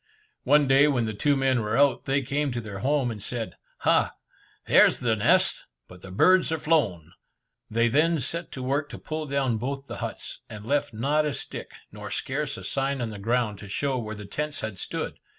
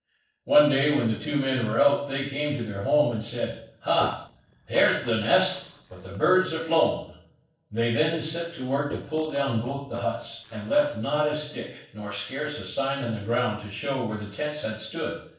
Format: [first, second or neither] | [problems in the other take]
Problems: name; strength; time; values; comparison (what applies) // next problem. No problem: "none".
first | noise reduction (neural separator model SepFormer DNS4)